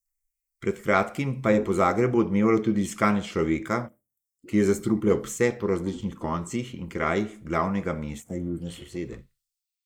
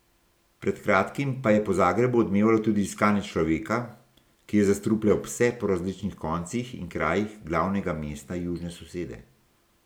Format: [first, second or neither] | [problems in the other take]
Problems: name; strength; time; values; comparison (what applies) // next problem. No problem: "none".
second | noise reduction (neural mask model Resemble Enhance denoiser)